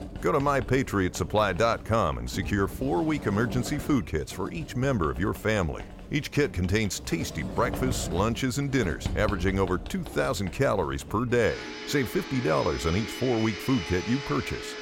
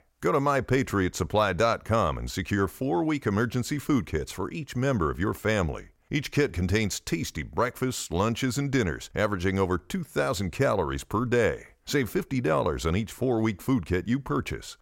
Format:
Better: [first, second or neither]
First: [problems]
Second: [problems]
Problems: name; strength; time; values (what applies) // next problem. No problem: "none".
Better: second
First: household noises; noticeable; throughout; 10 dB below the speech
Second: none